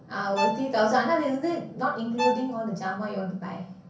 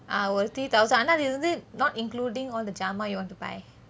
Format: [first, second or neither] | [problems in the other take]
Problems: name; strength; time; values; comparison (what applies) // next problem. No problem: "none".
second | background sound (Bowed string instrument); 6 dB below the speech // room echo; dies away in 0.6 s